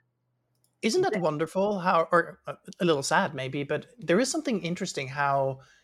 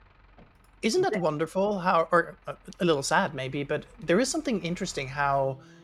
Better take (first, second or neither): first